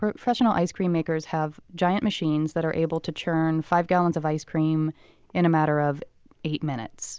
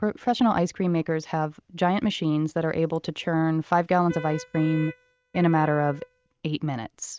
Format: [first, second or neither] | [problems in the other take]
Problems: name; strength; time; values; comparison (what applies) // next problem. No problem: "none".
first | noise reduction (neural mask model RNNoise)